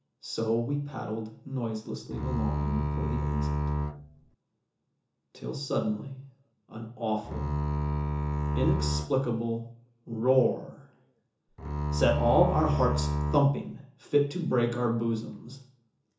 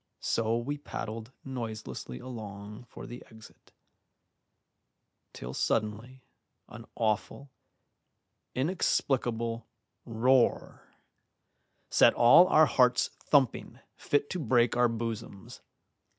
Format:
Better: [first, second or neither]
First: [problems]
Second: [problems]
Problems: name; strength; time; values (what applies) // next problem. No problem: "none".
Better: second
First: background sound (Bowed string instrument); 1 dB above the speech // room echo; dies away in 0.7 s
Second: none